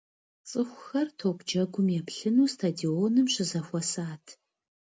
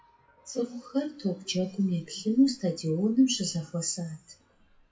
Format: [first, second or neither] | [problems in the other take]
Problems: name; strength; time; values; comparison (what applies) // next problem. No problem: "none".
first | noise reduction (classical method WPE with log-MMSE)